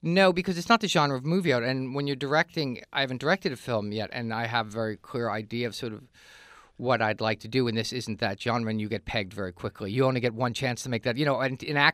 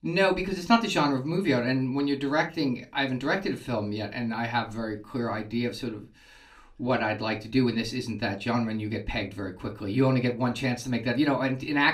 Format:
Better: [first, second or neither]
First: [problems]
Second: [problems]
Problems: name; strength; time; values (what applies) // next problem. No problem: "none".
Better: first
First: none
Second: off-mic speech; somewhat distant // room echo; very slight; dies away in 0.2 s